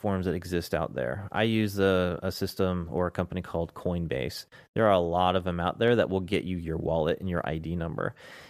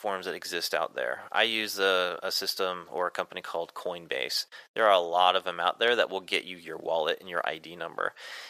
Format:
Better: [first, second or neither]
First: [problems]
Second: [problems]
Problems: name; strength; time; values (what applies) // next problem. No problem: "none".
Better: first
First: none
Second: thin; very; fading below 700 Hz